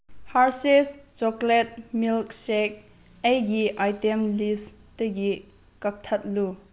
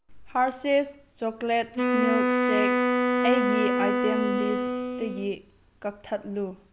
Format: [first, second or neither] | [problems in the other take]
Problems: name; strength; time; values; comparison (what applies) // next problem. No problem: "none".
first | background sound (Wind instrument, woodwind instrument); 2 dB above the speech